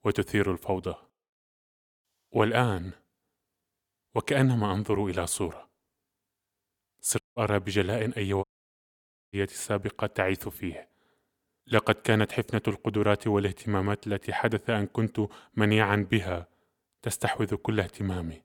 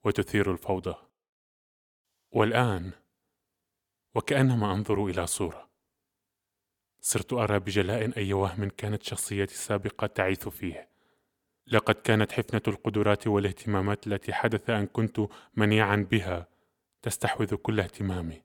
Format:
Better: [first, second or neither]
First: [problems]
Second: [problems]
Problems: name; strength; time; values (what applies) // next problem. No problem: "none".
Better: second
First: audio cutting out; at 7 s and at 8.5 s for 1 s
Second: none